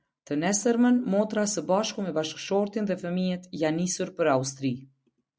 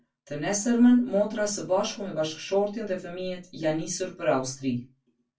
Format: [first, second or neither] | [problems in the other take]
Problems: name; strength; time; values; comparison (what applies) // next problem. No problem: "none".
first | room echo; dies away in 0.2 s